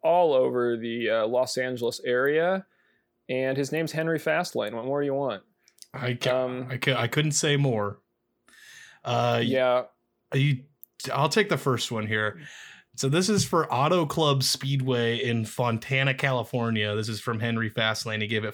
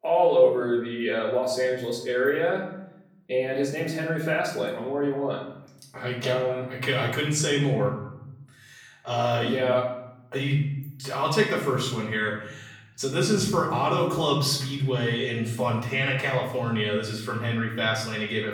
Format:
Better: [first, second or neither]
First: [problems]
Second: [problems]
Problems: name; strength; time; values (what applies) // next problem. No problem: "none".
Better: first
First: none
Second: room echo; noticeable; dies away in 0.7 s // off-mic speech; far